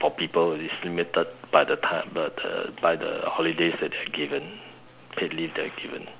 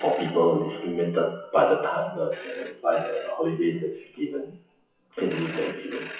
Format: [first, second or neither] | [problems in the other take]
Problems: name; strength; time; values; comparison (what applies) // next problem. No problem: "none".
first | noise reduction (classical method WPE with log-MMSE)